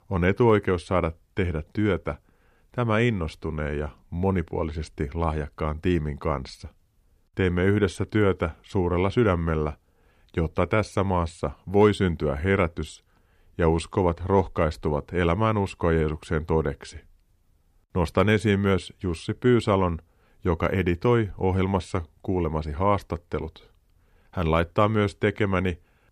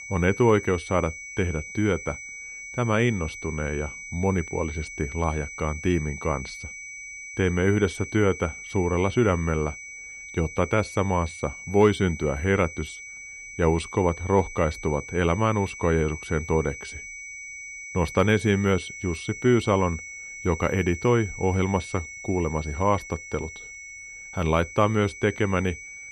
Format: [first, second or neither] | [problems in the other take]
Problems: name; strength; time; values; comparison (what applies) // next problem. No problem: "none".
first | high-pitched whine; noticeable; throughout; 2.5 kHz, 10 dB below the speech